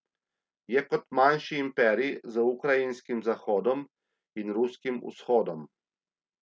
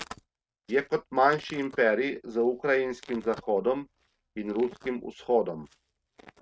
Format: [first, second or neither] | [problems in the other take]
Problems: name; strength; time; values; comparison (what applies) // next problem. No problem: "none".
first | noise reduction (neural mask model RNNoise)